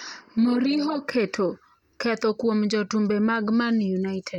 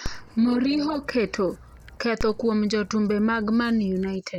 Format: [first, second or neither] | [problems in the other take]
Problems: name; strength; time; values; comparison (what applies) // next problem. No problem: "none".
first | background sound (Dog); 15 dB below the speech